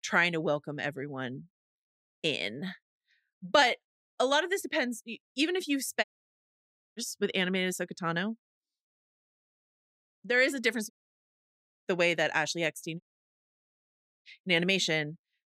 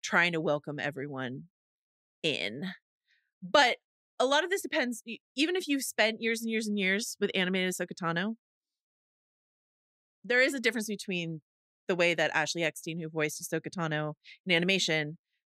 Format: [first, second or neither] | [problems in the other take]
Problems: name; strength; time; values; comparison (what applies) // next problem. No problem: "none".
second | audio cutting out; at 6 s for 1 s, at 11 s for 0.5 s and at 13 s for 1 s